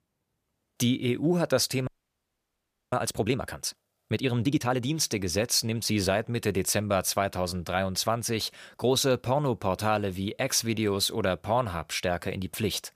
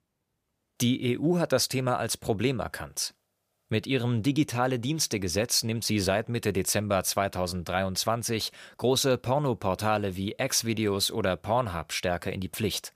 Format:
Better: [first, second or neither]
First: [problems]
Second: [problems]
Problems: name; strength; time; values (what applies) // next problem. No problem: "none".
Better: second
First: audio freezing; at 2 s for 1 s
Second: none